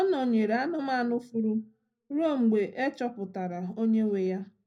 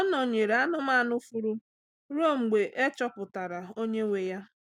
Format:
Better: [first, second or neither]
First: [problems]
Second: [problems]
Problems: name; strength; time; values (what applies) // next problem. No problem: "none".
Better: second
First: room echo; dies away in 0.4 s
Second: none